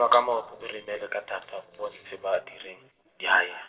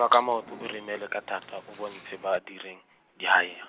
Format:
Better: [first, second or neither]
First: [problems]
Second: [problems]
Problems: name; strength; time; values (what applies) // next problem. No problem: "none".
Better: second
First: noise reduction (neural separator model SepFormer DNS4)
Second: none